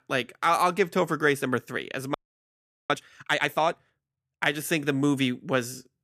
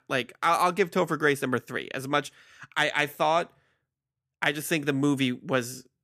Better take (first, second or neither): second